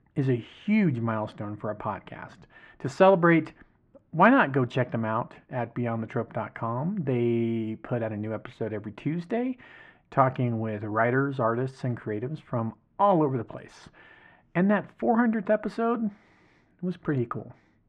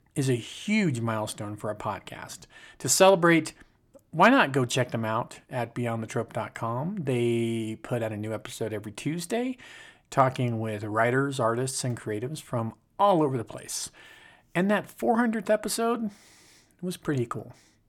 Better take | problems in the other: second | muffled; very; fading above 1.5 kHz

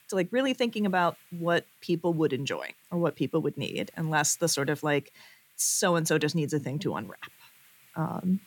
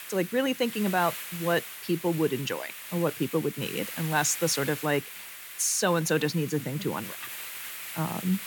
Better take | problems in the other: first | hiss; loud; throughout; 9 dB below the speech; faint in the first

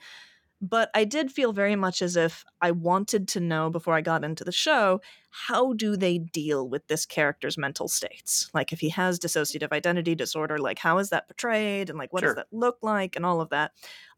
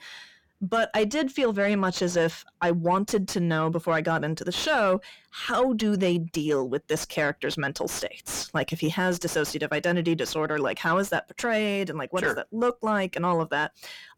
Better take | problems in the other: first | distortion; slight; 10 dB below the speech

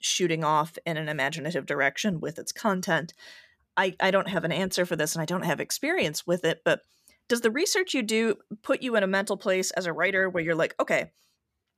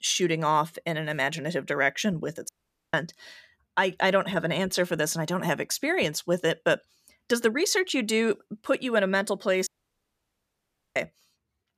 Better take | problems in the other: first | audio cutting out; at 2.5 s and at 9.5 s for 1.5 s

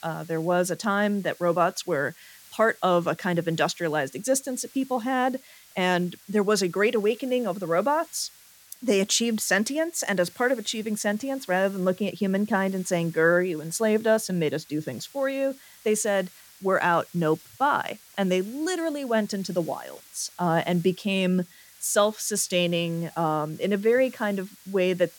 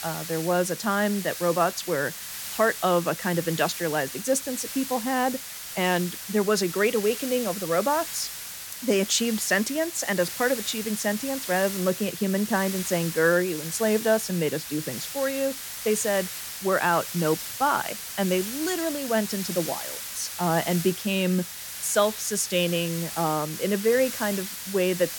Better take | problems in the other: first | hiss; loud; throughout; 7 dB below the speech; faint in the first

